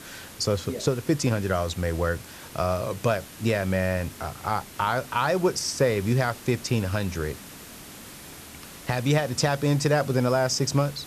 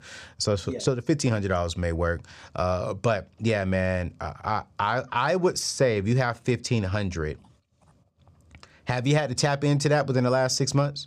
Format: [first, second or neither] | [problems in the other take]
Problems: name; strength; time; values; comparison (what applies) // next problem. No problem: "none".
second | hiss; noticeable; throughout; 15 dB below the speech